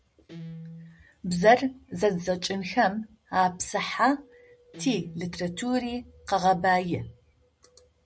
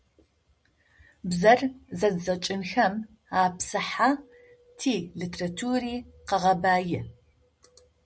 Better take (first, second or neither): second